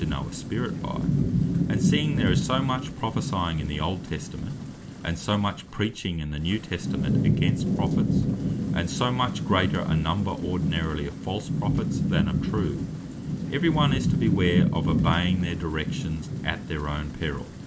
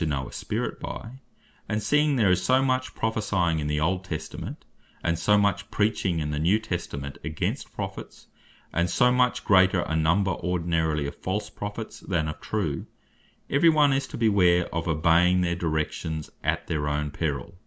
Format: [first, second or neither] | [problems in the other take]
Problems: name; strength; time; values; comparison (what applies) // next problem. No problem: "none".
second | background sound (Rain / Thunderstorm); 2 dB above the speech